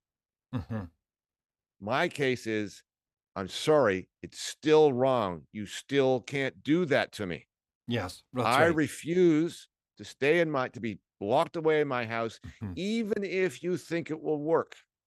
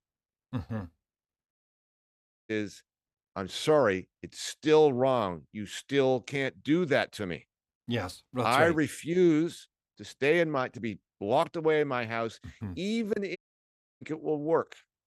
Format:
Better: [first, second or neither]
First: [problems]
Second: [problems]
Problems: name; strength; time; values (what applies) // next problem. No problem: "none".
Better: first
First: none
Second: audio cutting out; at 1.5 s for 1 s and at 13 s for 0.5 s